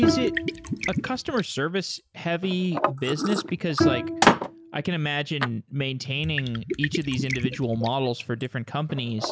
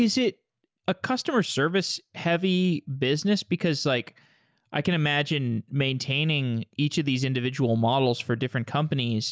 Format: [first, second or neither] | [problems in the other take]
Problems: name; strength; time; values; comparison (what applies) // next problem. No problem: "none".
second | background sound (Bowed string instrument + Liquid); as loud as the speech